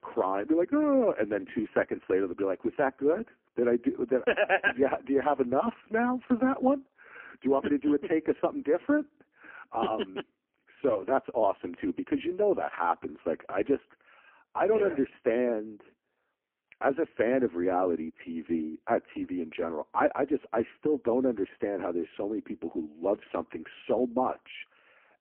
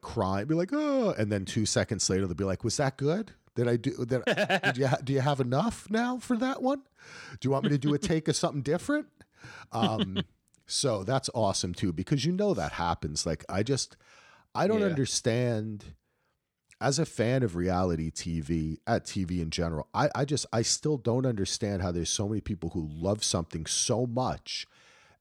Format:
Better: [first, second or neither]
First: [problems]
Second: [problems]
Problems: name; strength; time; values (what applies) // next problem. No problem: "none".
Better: second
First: phone-call audio; poor line; nothing above 3 kHz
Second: none